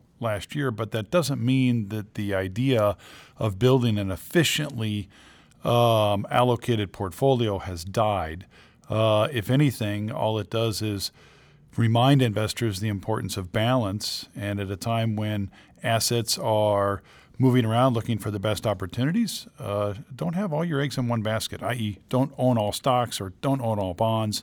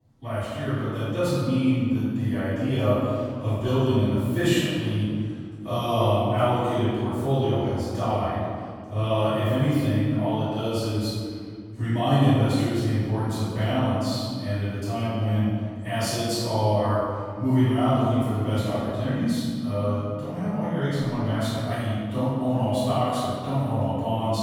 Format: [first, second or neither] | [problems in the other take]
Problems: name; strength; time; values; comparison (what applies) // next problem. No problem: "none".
first | room echo; strong; dies away in 2.1 s // off-mic speech; far